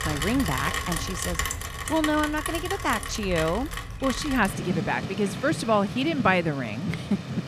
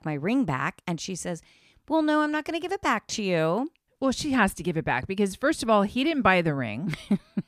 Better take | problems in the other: second | rain or running water; loud; throughout; 5 dB below the speech

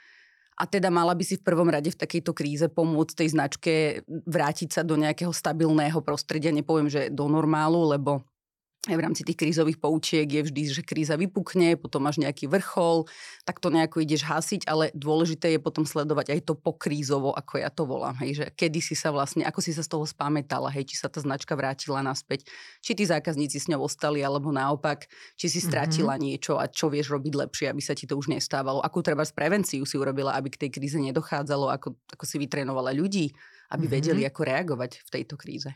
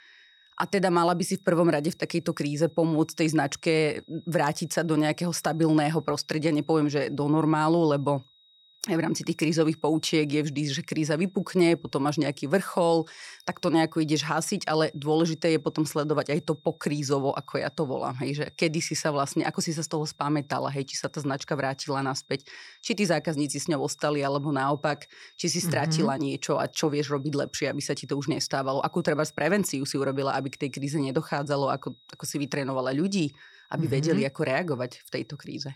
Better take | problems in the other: first | high-pitched whine; faint; throughout; 4 kHz, 30 dB below the speech

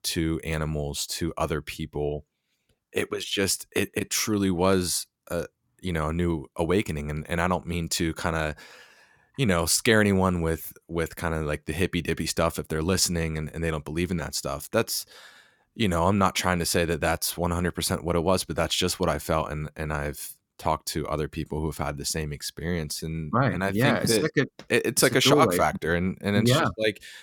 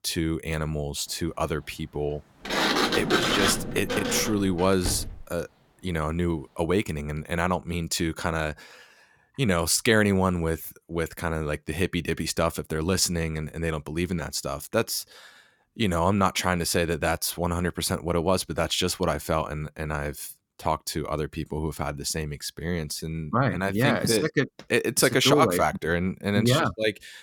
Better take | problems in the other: first | door banging; loud; from 2.5 to 5 s; peak 4 dB above the speech

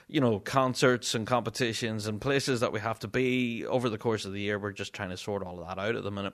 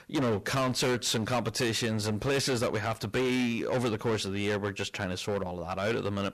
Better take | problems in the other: first | distortion; heavy; 17% of the sound clipped

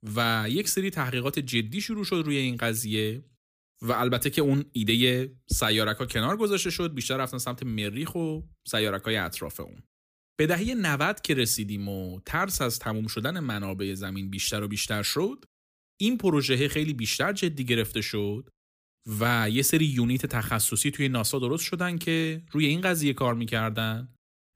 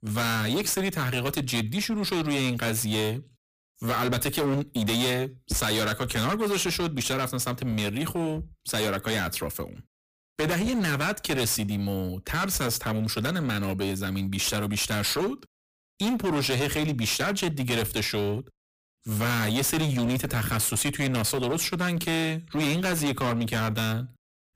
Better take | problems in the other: first | distortion; heavy; 24% of the sound clipped

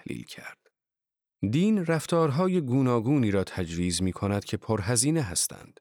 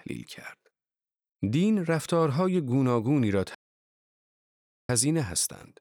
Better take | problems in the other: first | audio cutting out; at 3.5 s for 1.5 s

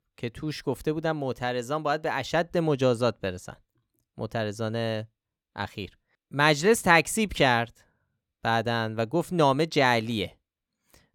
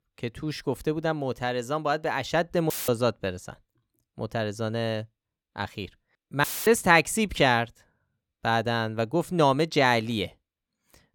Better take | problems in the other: first | audio cutting out; filled with static; at 2.5 s and at 6.5 s

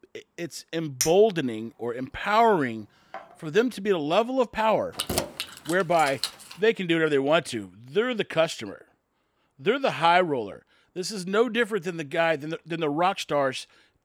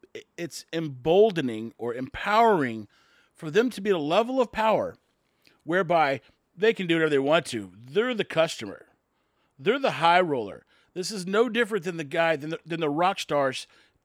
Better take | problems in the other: second | clattering dishes; noticeable; from 1 to 3 s; peak 3 dB below the speech // jangling keys; noticeable; from 5 to 6.5 s; peak 3 dB below the speech

